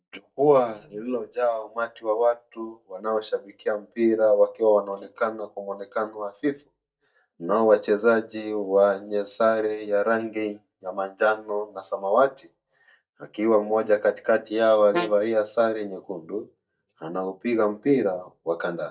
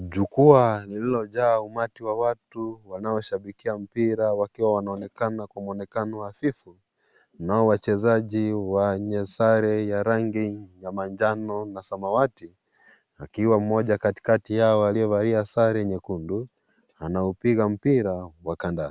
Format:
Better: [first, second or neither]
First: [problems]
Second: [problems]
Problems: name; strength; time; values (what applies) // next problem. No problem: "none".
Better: second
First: noise reduction (neural mask model DeepFilterNet 3)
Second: none